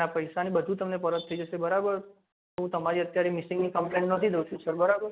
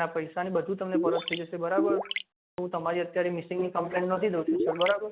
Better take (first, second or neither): first